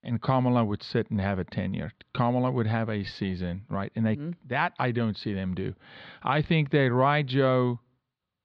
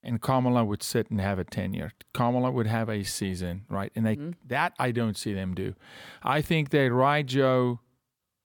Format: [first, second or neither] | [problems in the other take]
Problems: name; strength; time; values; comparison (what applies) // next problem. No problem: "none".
second | muffled; very slightly; fading above 4 kHz